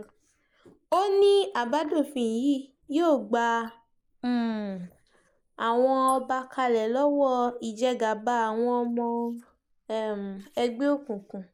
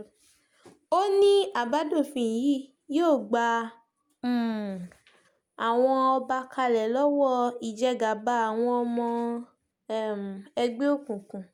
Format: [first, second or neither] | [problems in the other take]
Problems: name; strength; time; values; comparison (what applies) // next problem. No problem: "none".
second | noise reduction (neural mask model Resemble Enhance denoiser)